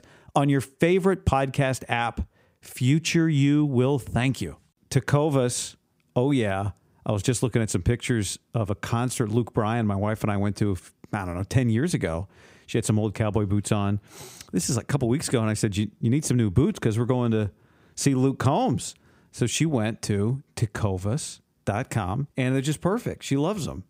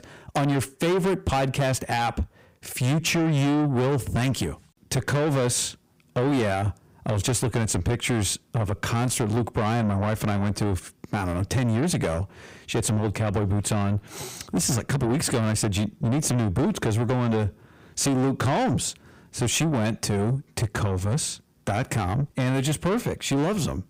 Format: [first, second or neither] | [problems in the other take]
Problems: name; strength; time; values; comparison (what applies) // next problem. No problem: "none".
first | distortion; heavy; 6 dB below the speech